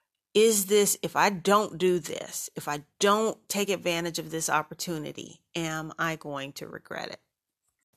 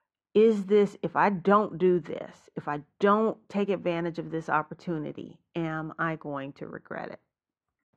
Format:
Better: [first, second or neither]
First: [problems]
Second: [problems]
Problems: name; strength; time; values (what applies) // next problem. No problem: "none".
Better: first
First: none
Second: muffled; very; fading above 1.5 kHz